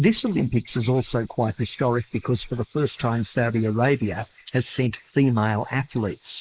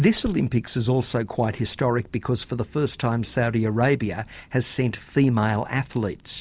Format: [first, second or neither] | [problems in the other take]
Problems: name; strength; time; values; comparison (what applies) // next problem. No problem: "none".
second | noise reduction (neural mask model Resemble Enhance denoiser)